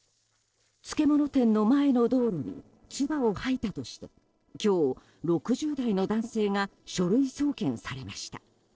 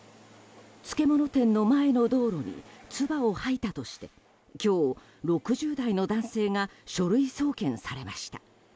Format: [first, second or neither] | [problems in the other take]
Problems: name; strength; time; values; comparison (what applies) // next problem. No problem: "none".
second | noise reduction (neural separator model SepFormer DNS4)